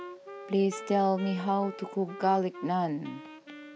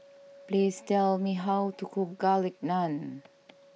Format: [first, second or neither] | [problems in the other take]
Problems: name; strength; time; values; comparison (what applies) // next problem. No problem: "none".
second | background sound (Wind instrument, woodwind instrument); 15 dB below the speech